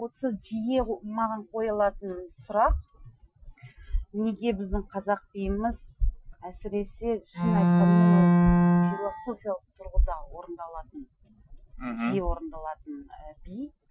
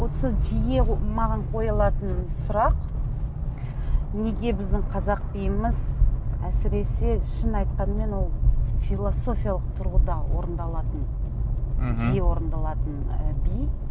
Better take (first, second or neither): second